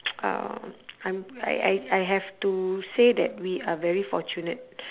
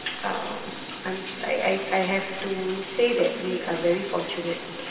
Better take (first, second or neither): first